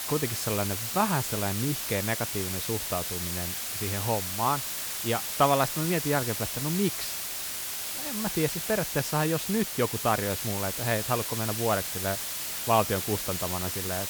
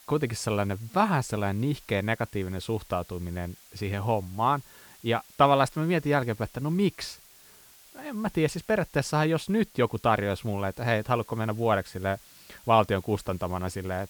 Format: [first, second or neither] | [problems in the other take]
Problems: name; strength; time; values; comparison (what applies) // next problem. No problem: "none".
second | hiss; loud; throughout; 1 dB below the speech; faint in the second